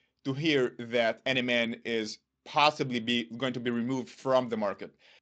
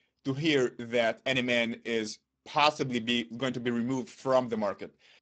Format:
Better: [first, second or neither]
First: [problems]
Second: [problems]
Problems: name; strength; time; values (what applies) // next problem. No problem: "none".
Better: first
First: garbled, watery; slightly; nothing above 7.5 kHz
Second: garbled, watery; badly; nothing above 7.5 kHz